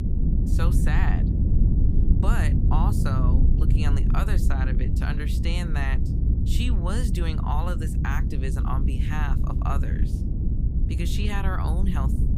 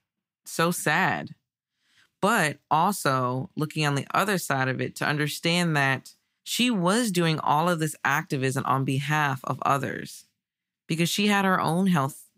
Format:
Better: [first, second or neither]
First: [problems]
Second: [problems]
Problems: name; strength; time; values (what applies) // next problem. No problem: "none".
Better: second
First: low rumble; loud; throughout; 4 dB below the speech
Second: none